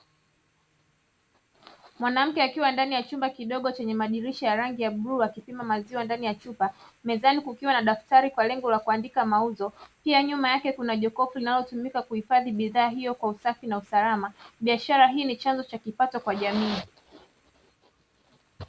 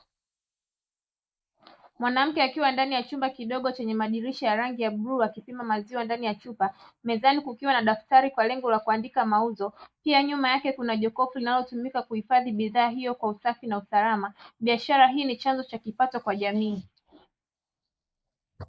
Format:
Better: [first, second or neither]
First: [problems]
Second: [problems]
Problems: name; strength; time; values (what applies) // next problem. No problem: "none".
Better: first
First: none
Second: noise reduction (neural mask model Resemble Enhance denoiser)